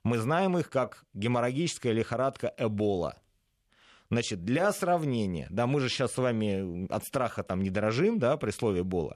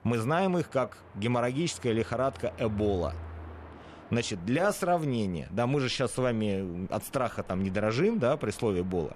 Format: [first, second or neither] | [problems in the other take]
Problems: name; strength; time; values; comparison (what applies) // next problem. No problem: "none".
first | train or aircraft noise; noticeable; throughout; 20 dB below the speech